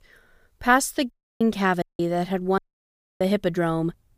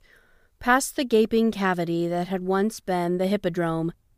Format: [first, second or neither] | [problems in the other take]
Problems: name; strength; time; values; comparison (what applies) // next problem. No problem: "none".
second | audio cutting out; at 1 s, at 2 s and at 2.5 s for 0.5 s